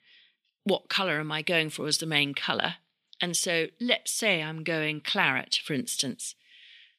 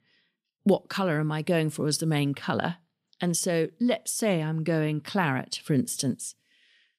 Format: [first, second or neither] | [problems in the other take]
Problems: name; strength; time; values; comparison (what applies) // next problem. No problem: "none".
second | thin; very slightly; fading below 300 Hz